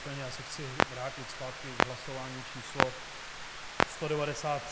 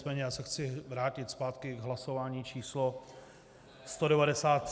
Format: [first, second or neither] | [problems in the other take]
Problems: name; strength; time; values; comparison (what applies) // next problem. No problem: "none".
second | background sound (Clock); 4 dB above the speech